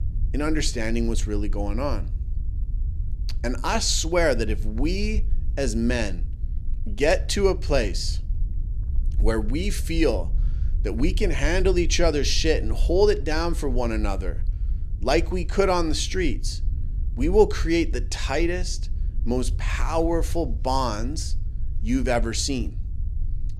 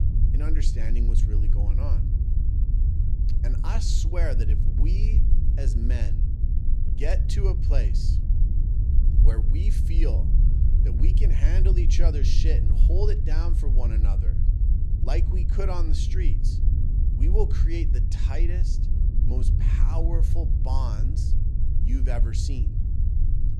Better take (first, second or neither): first